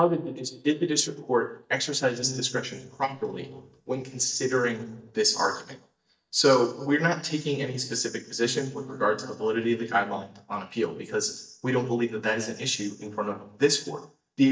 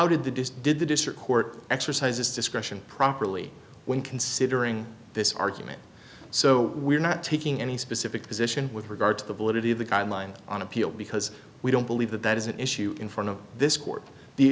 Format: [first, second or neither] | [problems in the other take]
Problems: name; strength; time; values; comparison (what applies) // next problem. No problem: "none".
second | noise reduction (neural mask model DeepFilterNet 3)